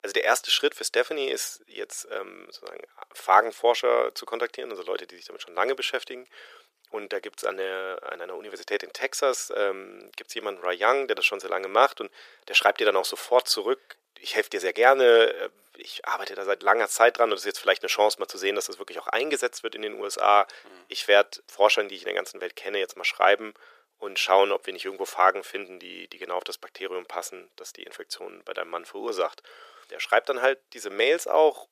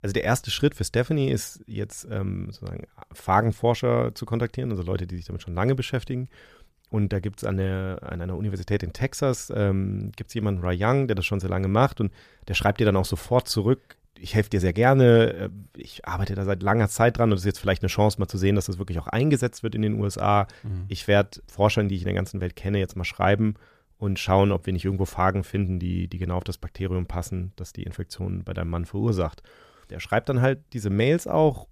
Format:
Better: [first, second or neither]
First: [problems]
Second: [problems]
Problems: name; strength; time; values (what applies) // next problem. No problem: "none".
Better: second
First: thin; very; fading below 400 Hz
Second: none